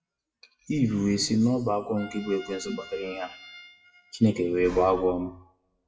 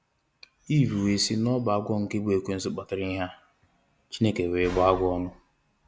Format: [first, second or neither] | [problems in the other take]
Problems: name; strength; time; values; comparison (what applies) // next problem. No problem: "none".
second | noise reduction (classical method WPE with log-MMSE)